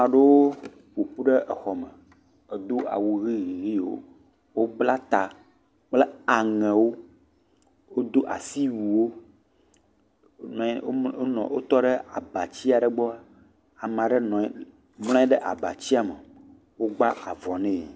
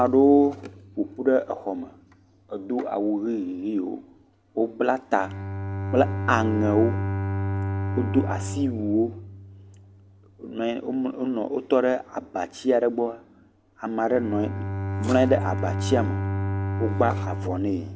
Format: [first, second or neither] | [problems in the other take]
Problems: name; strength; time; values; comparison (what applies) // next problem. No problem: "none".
first | background sound (Bowed string instrument); 6 dB below the speech